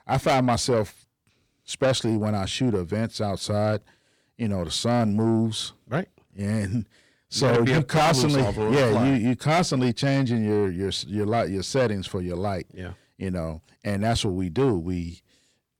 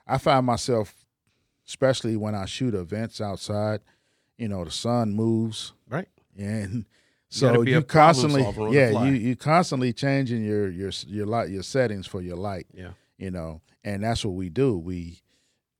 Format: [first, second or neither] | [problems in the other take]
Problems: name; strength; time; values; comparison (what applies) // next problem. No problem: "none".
second | distortion; heavy; 7 dB below the speech